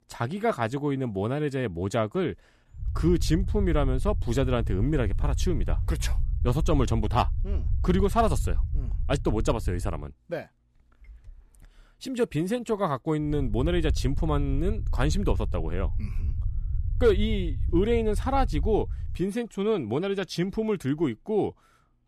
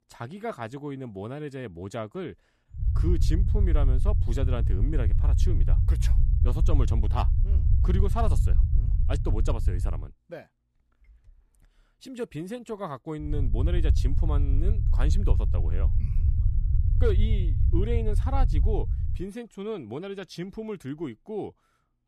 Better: first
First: low rumble; faint; from 3 to 10 s and from 13 to 19 s; 20 dB below the speech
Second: low rumble; loud; from 3 to 10 s and from 13 to 19 s; 7 dB below the speech

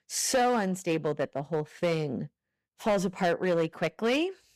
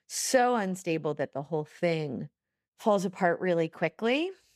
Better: second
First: distortion; slight; 6% of the sound clipped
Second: none

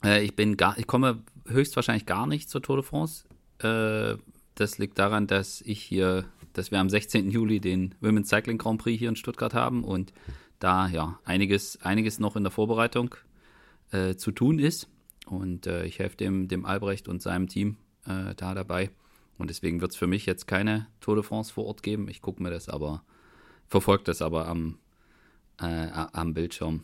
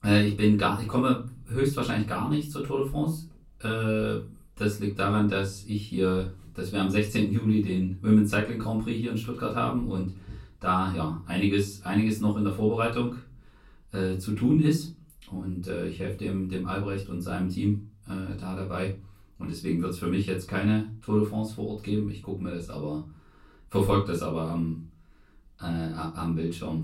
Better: first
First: none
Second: off-mic speech; far // room echo; slight; dies away in 0.3 s

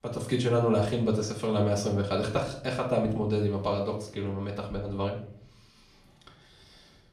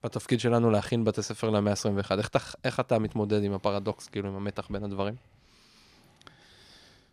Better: second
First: room echo; slight; dies away in 0.5 s // off-mic speech; far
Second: none

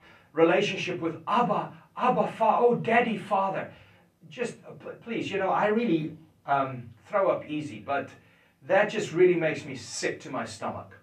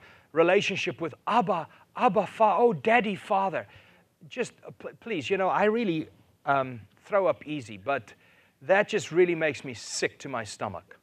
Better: second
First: off-mic speech; far // room echo; very slight; dies away in 0.2 s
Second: none

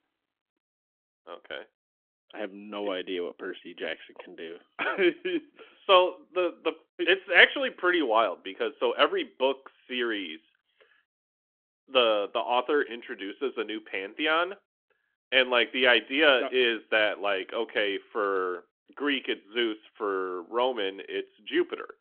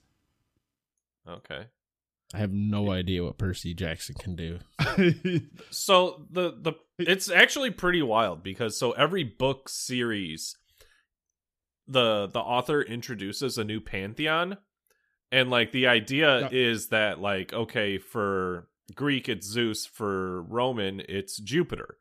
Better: second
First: phone-call audio; nothing above 3.5 kHz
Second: none

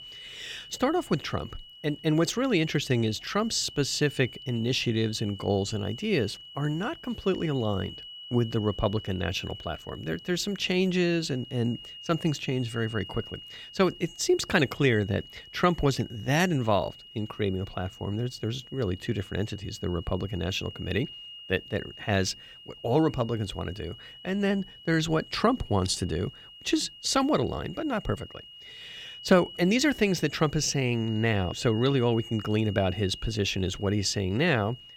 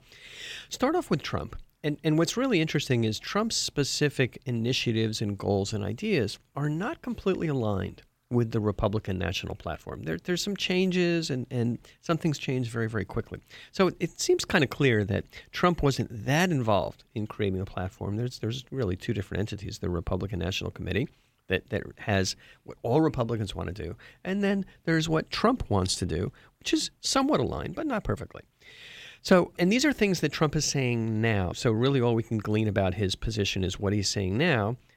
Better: second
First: high-pitched whine; noticeable; throughout; 3 kHz, 15 dB below the speech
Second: none

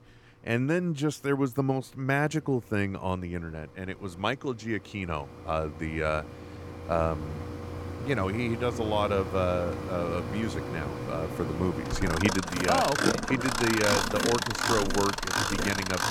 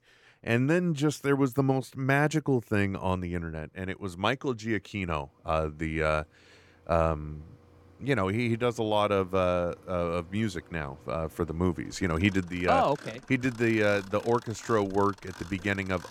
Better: second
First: machinery noise; loud; throughout; 1 dB below the speech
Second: machinery noise; faint; throughout; 20 dB below the speech

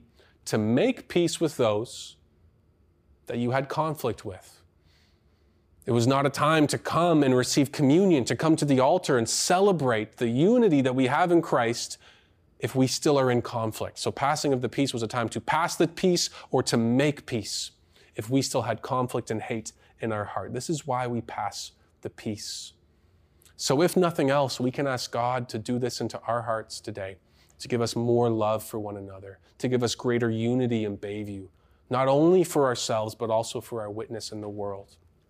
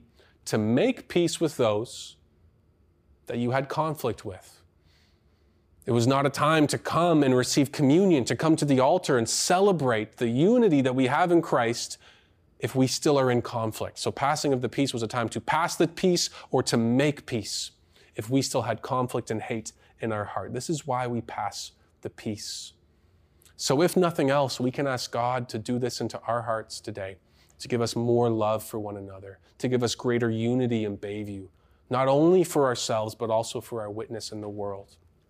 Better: neither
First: none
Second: none

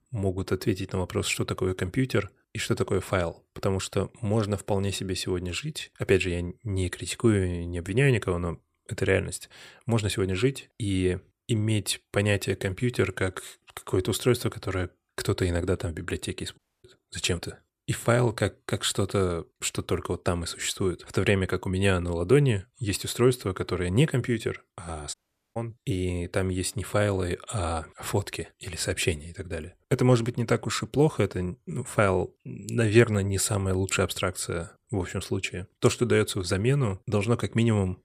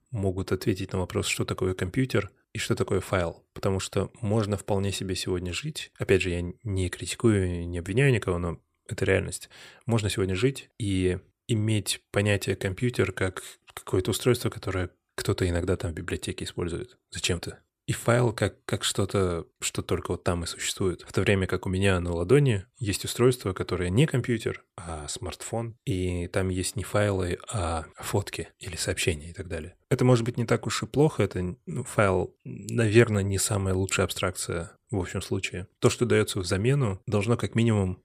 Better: second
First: audio cutting out; at 17 s and at 25 s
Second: none

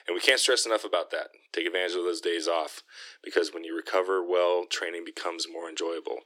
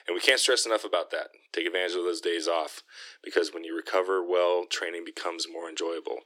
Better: neither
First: thin; very; fading below 300 Hz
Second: thin; very; fading below 300 Hz

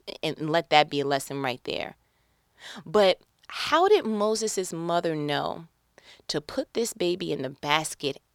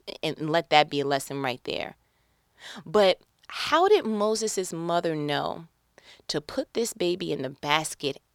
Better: neither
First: none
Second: none

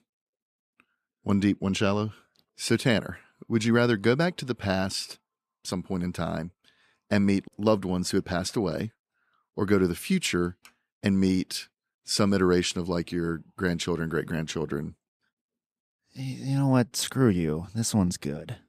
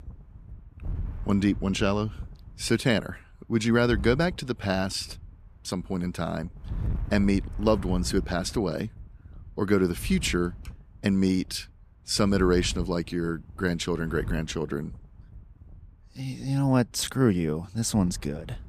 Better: first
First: none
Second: wind noise on the microphone; occasional gusts; 25 dB below the speech

